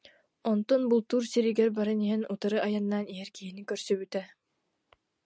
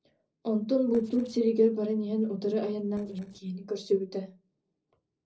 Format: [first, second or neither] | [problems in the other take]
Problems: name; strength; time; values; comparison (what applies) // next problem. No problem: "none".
first | noise reduction (neural separator model SepFormer DNS4)